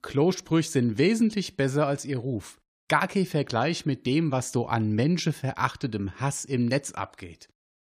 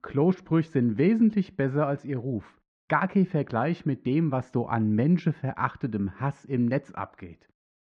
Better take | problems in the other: first | muffled; very; fading above 1.5 kHz

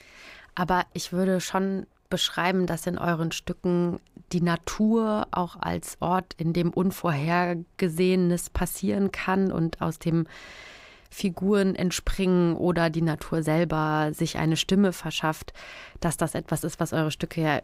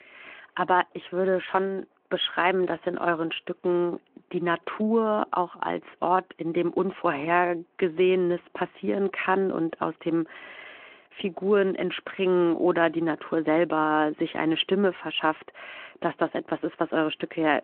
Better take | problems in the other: first | phone-call audio; nothing above 3.5 kHz

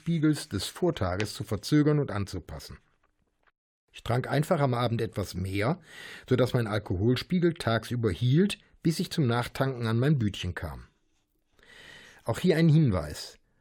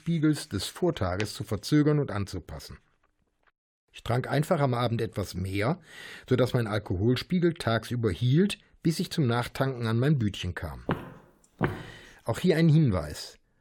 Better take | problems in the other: first | footsteps; noticeable; at 11 s; peak 5 dB below the speech

